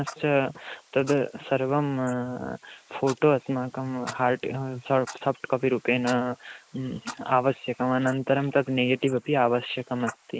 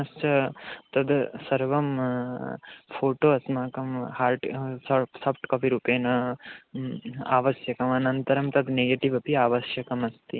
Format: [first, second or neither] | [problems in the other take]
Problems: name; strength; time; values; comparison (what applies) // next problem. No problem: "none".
second | noise reduction (neural mask model Resemble Enhance denoiser)